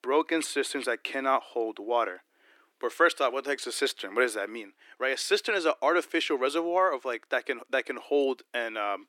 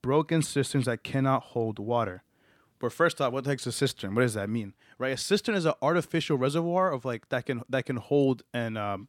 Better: second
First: thin; somewhat; fading below 300 Hz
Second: none

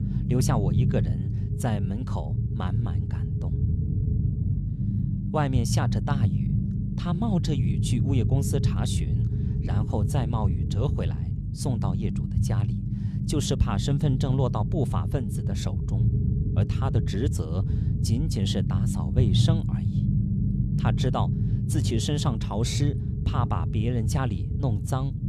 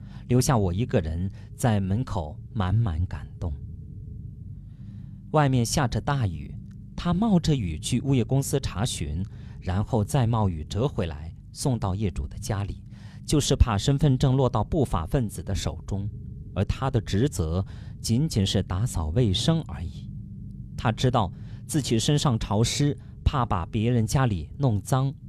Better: second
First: low rumble; loud; throughout; 4 dB below the speech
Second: low rumble; faint; throughout; 25 dB below the speech

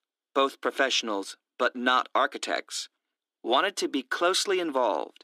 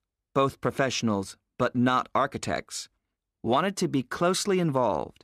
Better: second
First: thin; somewhat; fading below 300 Hz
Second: none

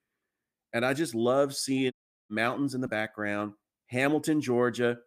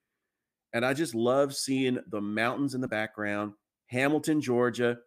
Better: second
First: audio cutting out; at 2 s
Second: none

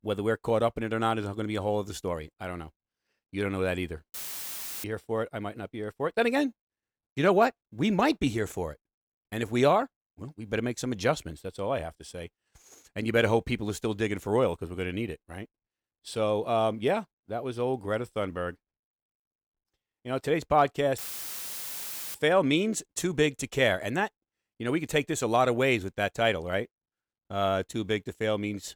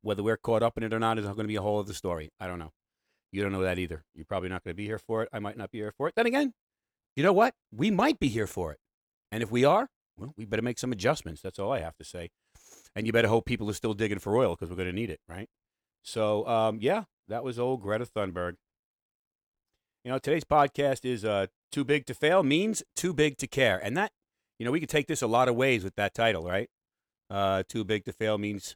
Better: second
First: audio cutting out; filled with static; at 4 s for 0.5 s and at 21 s for 1 s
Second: none

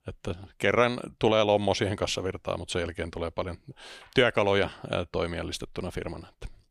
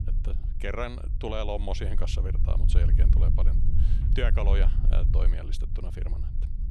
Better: first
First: none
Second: low rumble; loud; throughout; 10 dB below the speech

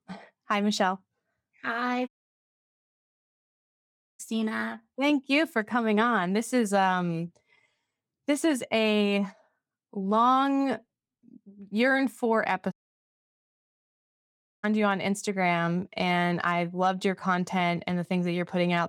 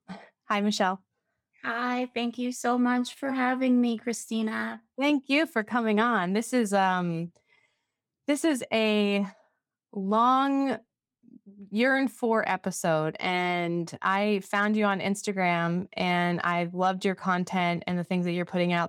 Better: second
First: audio cutting out; at 2 s for 2 s and at 13 s for 2 s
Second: none

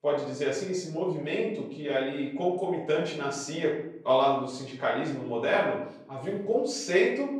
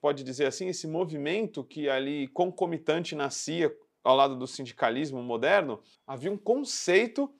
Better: second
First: room echo; noticeable; dies away in 0.6 s // off-mic speech; far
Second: none

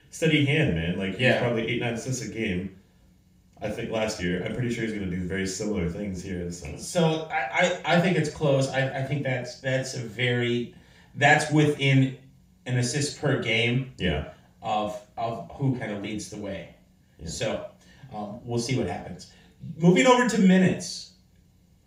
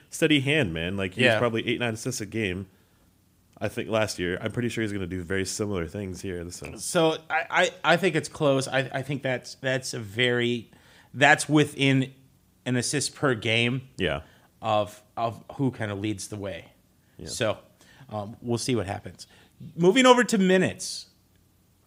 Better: second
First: room echo; noticeable; dies away in 0.3 s // off-mic speech; far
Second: none

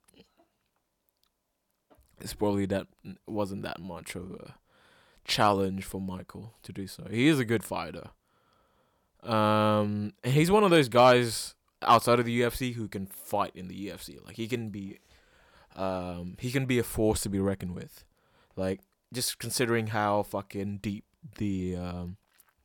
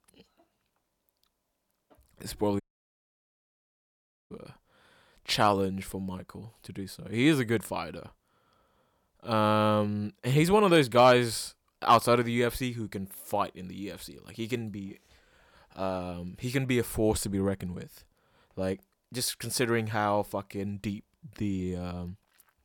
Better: first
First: none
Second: audio cutting out; at 2.5 s for 1.5 s

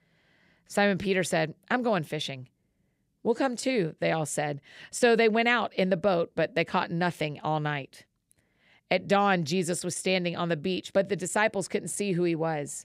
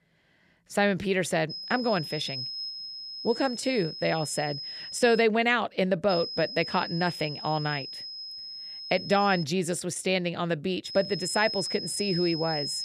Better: first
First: none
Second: high-pitched whine; loud; from 1.5 to 5 s, from 6 to 9.5 s and from 11 s on; 5 kHz, 7 dB below the speech

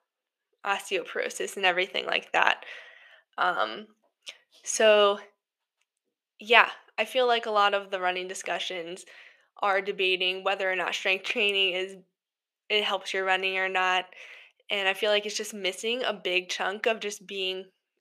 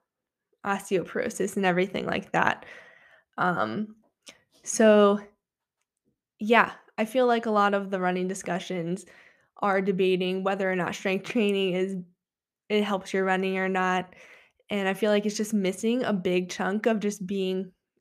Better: second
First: thin; very; fading below 550 Hz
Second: none

